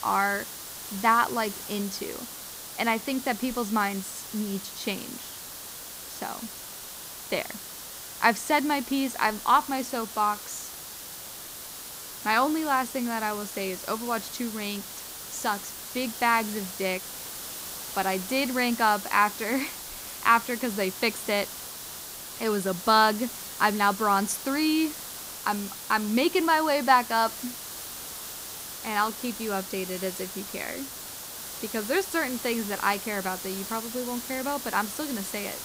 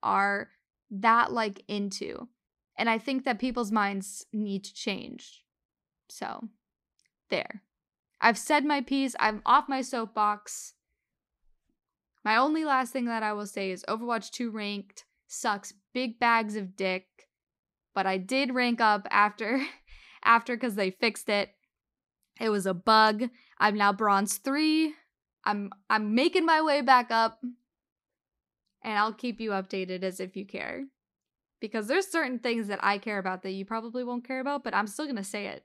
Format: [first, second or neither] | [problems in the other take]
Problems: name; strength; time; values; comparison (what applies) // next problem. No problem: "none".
second | hiss; loud; throughout; 9 dB below the speech